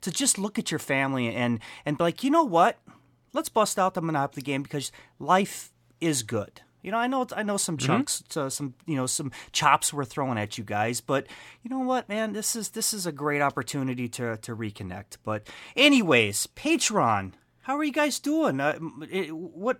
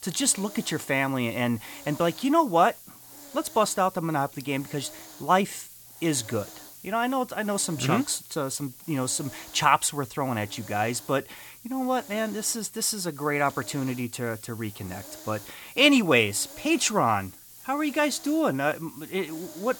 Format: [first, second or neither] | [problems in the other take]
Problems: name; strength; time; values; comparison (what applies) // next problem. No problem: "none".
first | hiss; noticeable; throughout; 15 dB below the speech